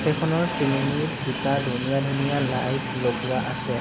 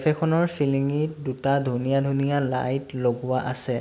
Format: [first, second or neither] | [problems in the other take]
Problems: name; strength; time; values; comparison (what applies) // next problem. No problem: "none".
second | background sound (Train); 4 dB below the speech